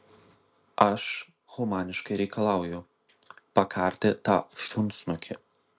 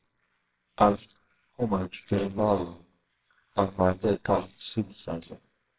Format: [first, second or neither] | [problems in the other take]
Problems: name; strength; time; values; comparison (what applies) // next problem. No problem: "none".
first | noise reduction (neural separator model SepFormer WHAMR!)